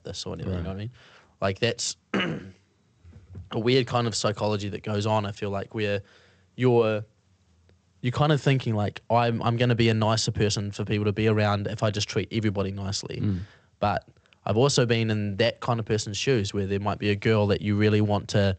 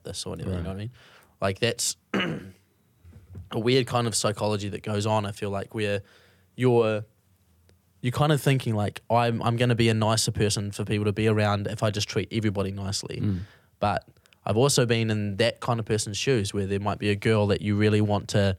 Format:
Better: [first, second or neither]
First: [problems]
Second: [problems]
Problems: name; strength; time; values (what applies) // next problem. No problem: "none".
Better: second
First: garbled, watery; slightly; nothing above 8 kHz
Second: none